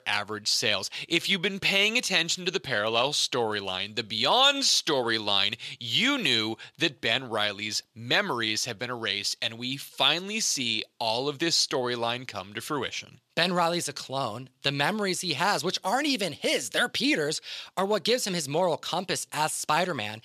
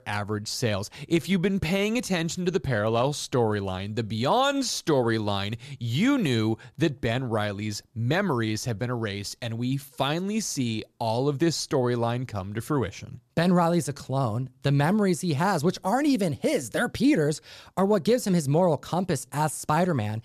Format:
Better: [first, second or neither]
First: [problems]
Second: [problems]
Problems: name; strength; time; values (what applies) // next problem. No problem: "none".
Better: second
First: thin; somewhat; fading below 1 kHz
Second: none